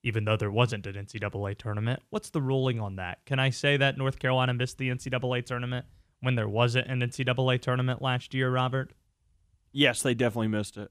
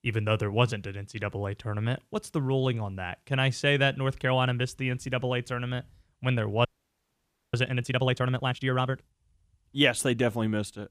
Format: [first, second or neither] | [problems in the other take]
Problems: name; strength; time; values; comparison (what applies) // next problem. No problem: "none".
first | audio freezing; at 6.5 s for 1 s